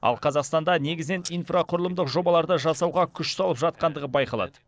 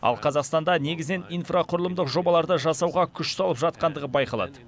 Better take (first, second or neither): second